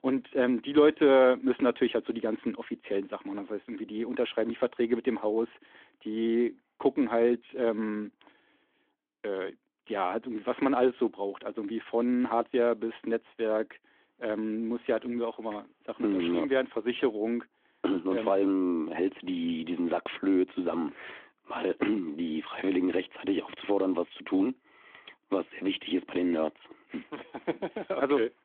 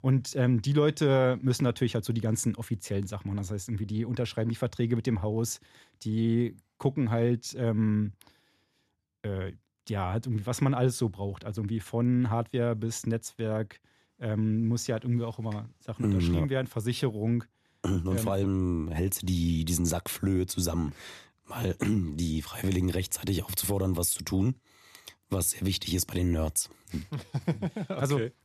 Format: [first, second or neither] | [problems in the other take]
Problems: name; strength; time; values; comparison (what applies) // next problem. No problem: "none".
second | phone-call audio